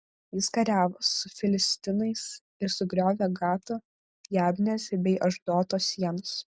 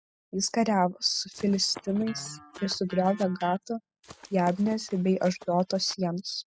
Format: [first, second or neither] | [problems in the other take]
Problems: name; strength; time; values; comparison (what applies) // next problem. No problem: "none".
first | noise reduction (classical method spectral subtraction)